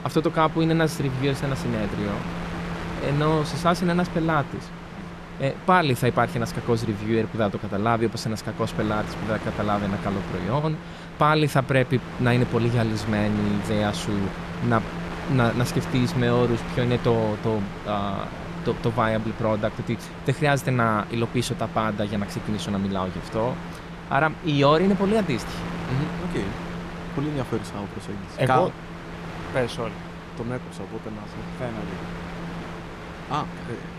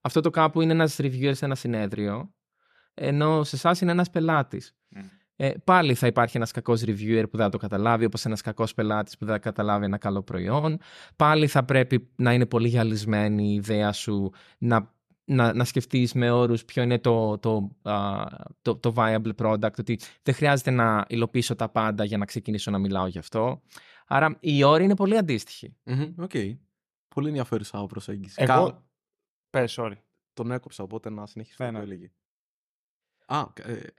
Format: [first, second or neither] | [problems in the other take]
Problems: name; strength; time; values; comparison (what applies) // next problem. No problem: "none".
second | wind noise on the microphone; occasional gusts; 10 dB below the speech